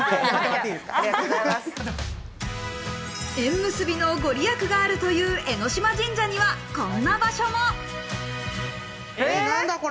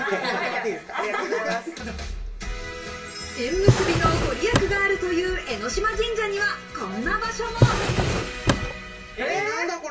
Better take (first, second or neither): first